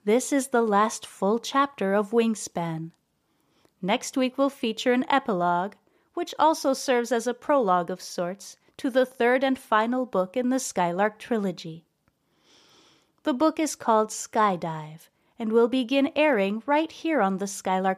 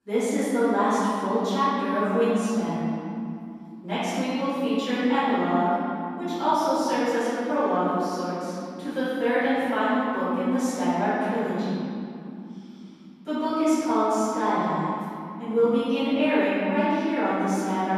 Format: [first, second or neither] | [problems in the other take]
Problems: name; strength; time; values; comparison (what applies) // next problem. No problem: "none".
first | room echo; strong; dies away in 2.9 s // off-mic speech; far